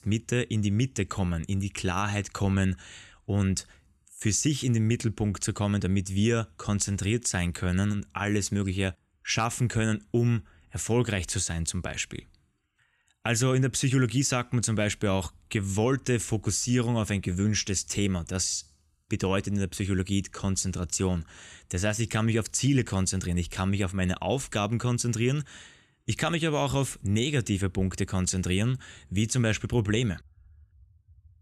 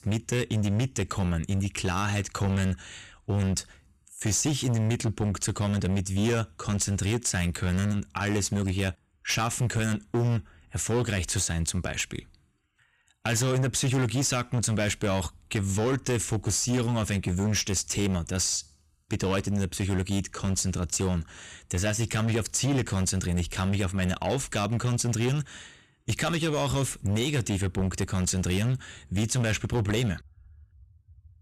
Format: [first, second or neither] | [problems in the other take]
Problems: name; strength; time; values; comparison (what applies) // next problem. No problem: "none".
first | distortion; slight; 14% of the sound clipped